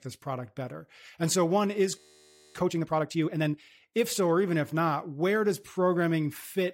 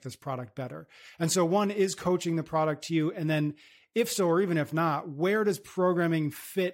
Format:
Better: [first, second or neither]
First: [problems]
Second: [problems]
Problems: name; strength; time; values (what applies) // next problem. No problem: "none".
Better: second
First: audio freezing; at 2 s for 0.5 s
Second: none